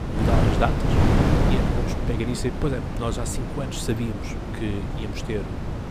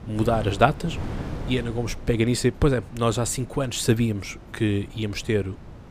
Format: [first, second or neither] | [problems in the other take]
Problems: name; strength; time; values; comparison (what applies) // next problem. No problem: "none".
second | wind noise on the microphone; heavy; 1 dB above the speech; occasional gusts in the second